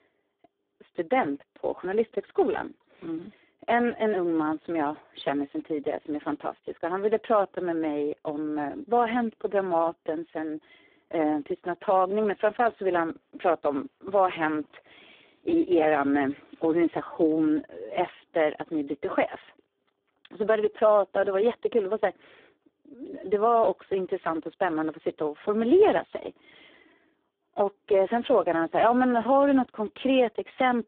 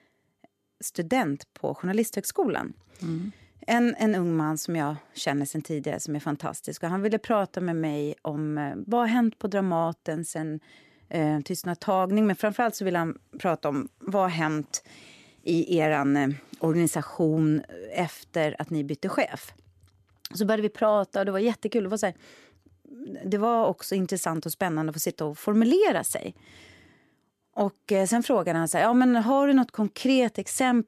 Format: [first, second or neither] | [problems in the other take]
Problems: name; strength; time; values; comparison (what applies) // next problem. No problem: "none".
second | phone-call audio; poor line